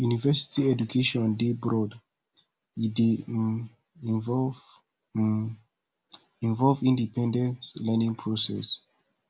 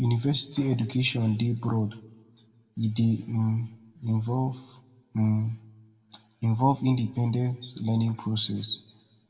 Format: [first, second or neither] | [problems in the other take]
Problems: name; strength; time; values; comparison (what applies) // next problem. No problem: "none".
first | room echo; dies away in 0.9 s